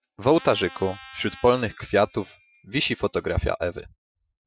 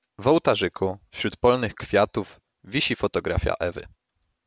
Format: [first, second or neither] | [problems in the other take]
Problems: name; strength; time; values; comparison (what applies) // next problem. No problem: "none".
second | noise reduction (classical method Wiener filter)